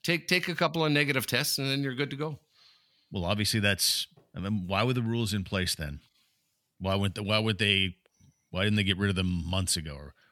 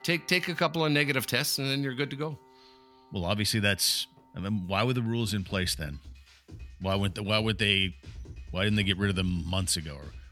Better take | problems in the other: first | background music; faint; throughout; 20 dB below the speech

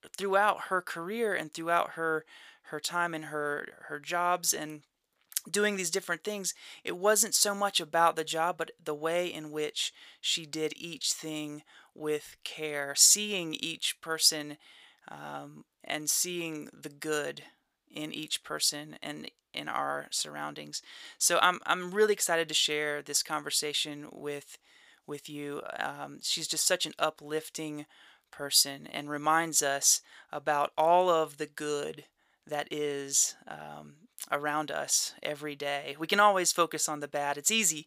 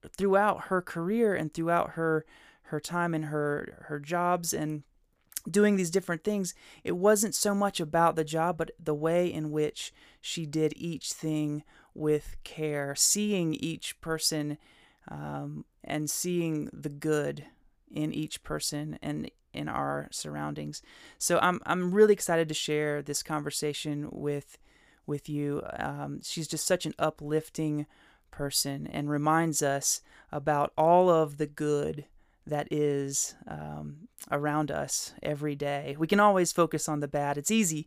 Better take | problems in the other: second | thin; somewhat; fading below 1 kHz

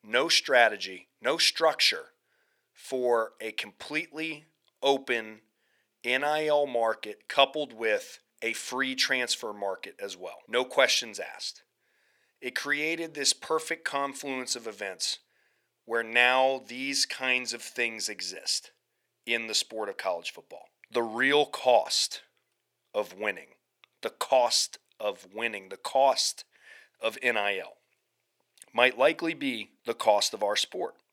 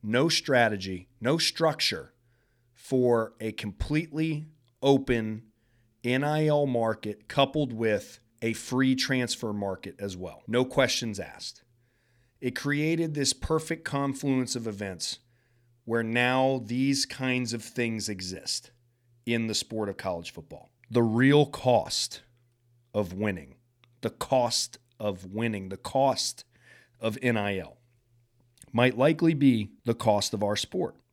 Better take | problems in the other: second | thin; very; fading below 600 Hz

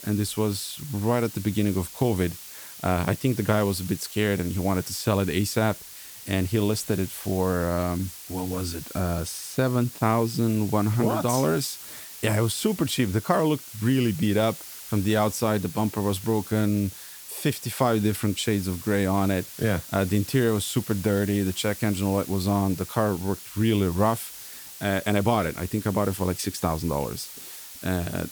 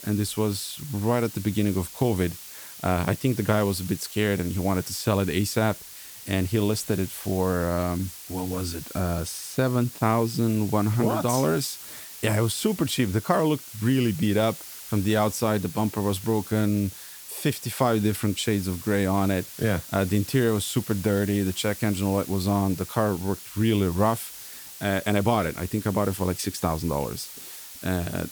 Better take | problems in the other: neither | hiss; noticeable; throughout; 15 dB below the speech; the same in both

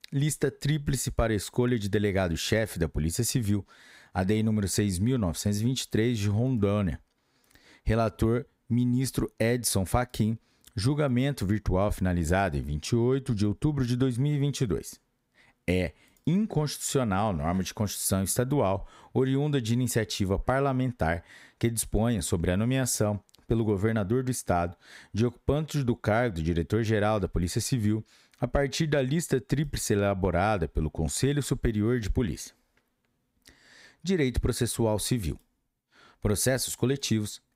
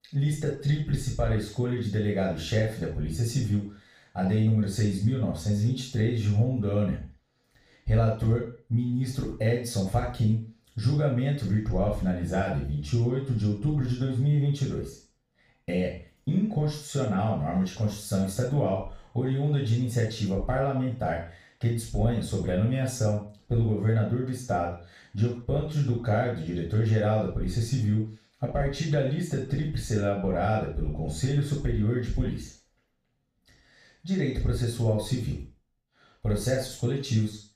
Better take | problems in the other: first | room echo; noticeable; dies away in 0.4 s // off-mic speech; far

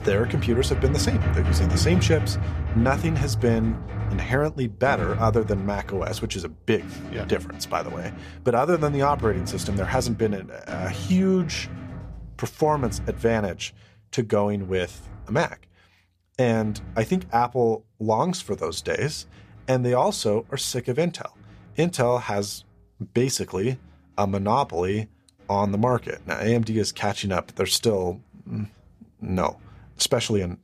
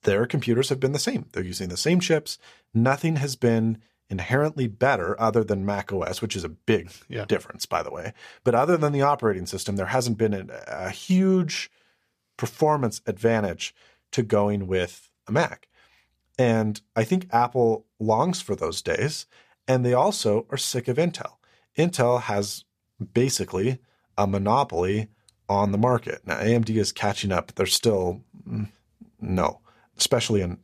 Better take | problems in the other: second | background music; loud; throughout; 5 dB below the speech

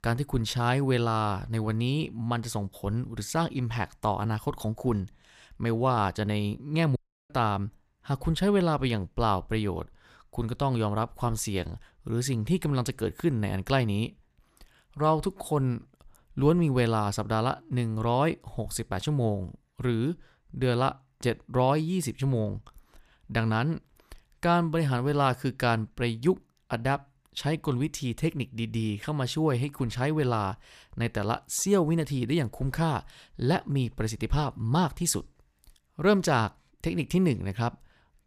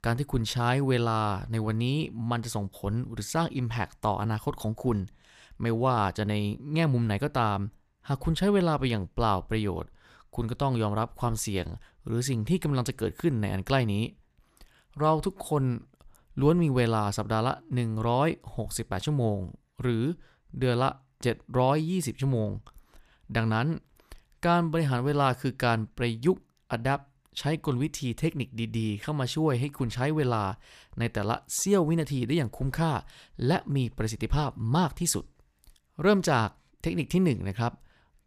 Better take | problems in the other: second | audio cutting out; at 7 s

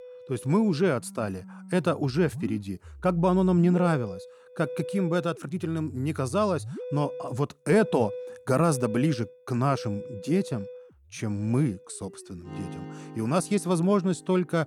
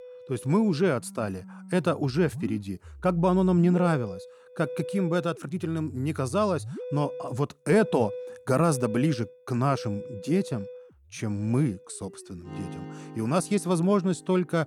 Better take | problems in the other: neither | background music; noticeable; throughout; 15 dB below the speech; the same in both

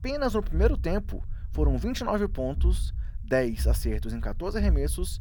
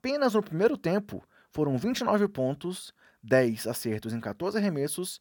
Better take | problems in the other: second | low rumble; noticeable; throughout; 20 dB below the speech

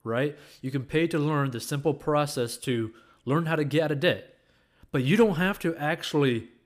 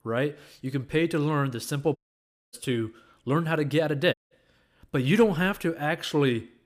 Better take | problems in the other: first | audio cutting out; at 2 s for 0.5 s and at 4 s

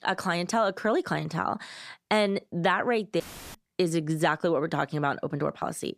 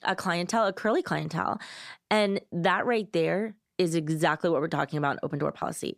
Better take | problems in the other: second | audio cutting out; filled with static; at 3 s

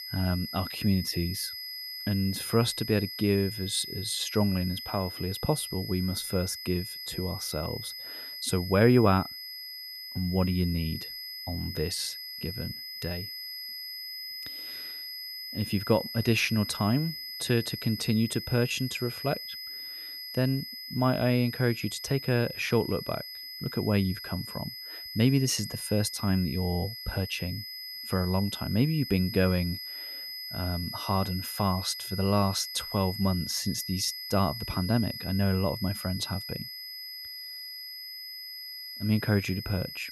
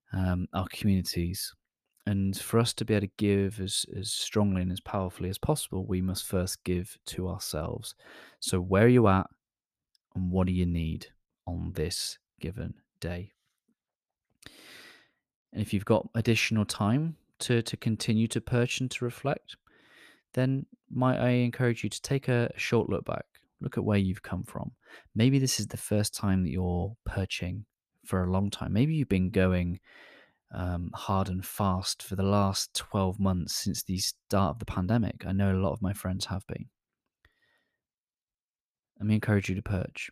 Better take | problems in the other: second | high-pitched whine; loud; throughout; 5 kHz, 8 dB below the speech

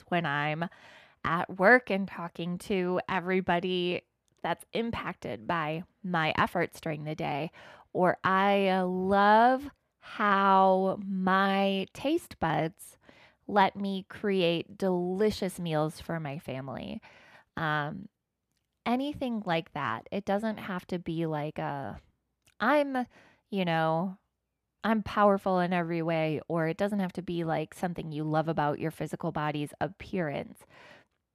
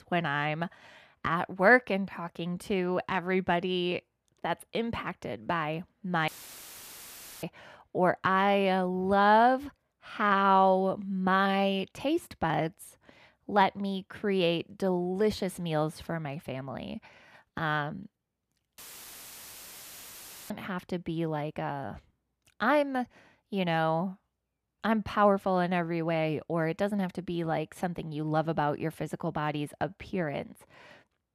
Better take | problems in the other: first | audio cutting out; filled with static; at 6.5 s for 1 s and at 19 s for 1.5 s

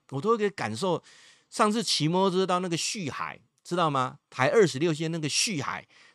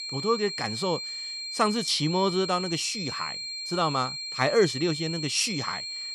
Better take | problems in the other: first | high-pitched whine; loud; throughout; 4 kHz, 5 dB below the speech

